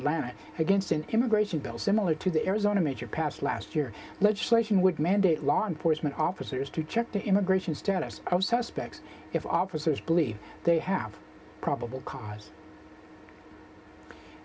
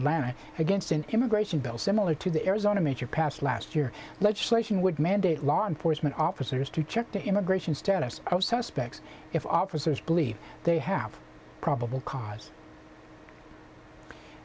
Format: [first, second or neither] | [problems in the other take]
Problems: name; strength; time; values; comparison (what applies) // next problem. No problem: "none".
second | room echo; dies away in 0.3 s